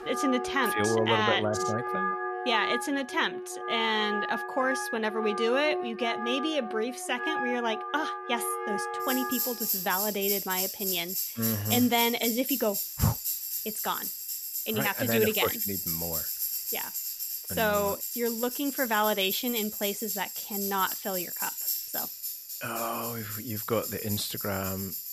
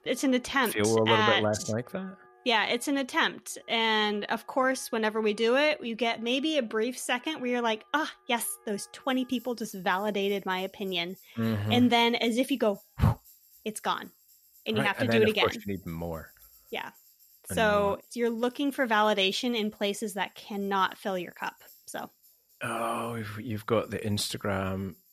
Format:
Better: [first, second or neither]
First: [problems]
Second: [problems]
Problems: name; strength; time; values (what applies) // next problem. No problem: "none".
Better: second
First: background music; loud; throughout; 2 dB below the speech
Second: background music; faint; throughout; 30 dB below the speech